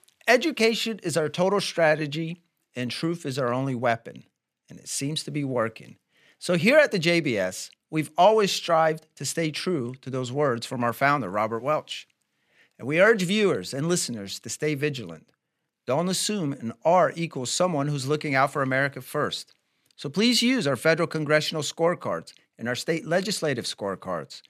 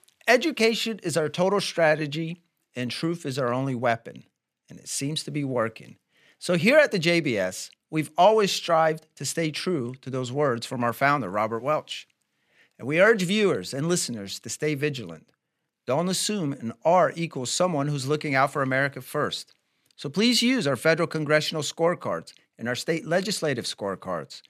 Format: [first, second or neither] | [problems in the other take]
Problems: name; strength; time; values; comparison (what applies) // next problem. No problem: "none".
neither | none